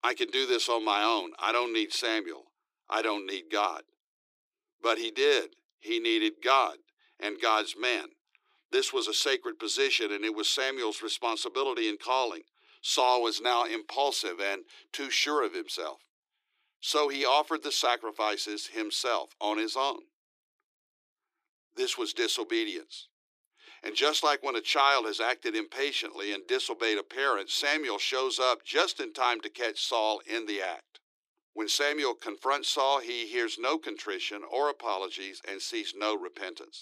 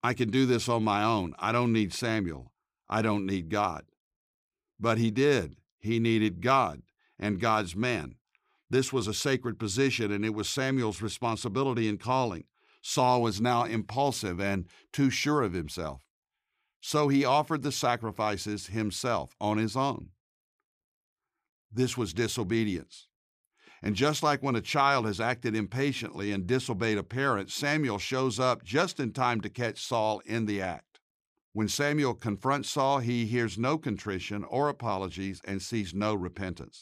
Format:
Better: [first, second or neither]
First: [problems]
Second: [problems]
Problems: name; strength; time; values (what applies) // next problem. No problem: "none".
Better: second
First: thin; very; fading below 300 Hz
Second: none